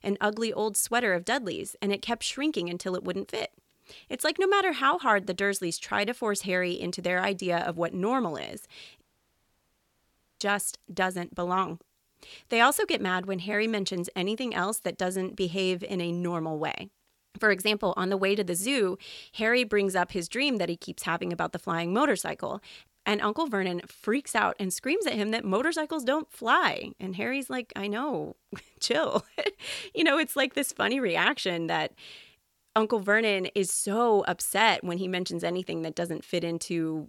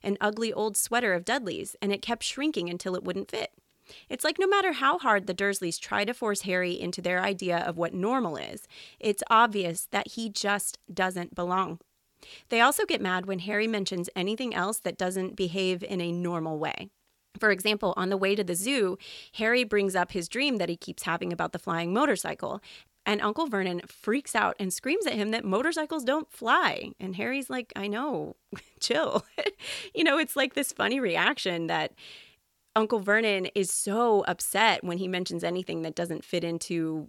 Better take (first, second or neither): second